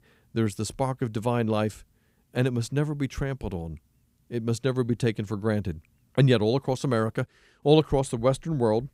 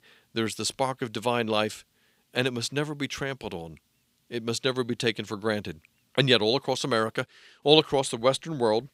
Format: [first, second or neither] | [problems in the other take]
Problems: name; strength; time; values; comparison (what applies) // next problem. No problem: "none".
first | thin; very slightly; fading below 450 Hz